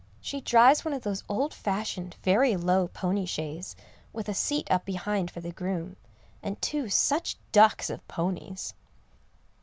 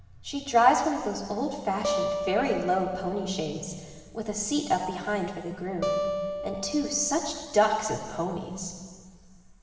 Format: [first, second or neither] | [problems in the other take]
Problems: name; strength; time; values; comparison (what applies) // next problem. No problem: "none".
first | background sound (Acoustic guitar); 7 dB below the speech // room echo; dies away in 2.1 s